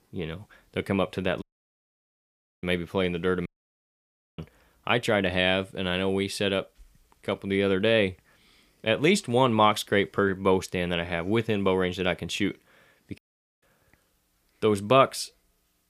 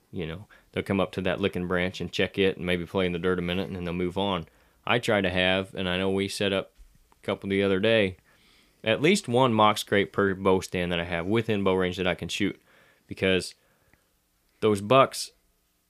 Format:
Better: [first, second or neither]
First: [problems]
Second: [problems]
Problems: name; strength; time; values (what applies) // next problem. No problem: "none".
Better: second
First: audio cutting out; at 1.5 s for 1 s, at 3.5 s for 1 s and at 13 s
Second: none